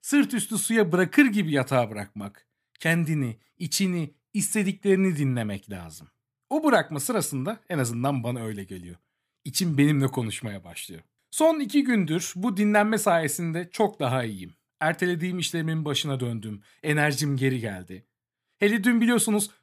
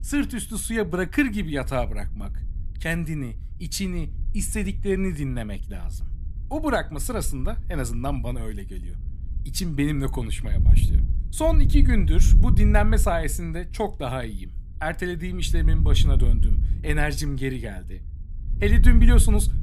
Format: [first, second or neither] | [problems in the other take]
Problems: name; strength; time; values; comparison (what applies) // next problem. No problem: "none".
first | wind noise on the microphone; occasional gusts; 15 dB below the speech